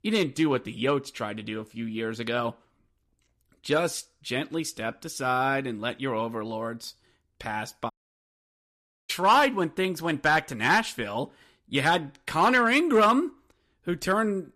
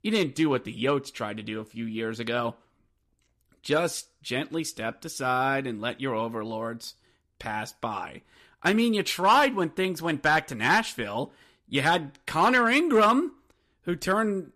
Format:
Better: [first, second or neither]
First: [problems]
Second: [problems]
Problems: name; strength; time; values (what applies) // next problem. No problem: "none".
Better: second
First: audio cutting out; at 8 s for 1 s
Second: none